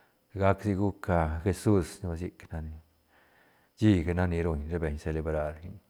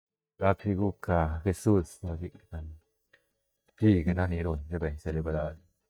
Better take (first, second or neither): first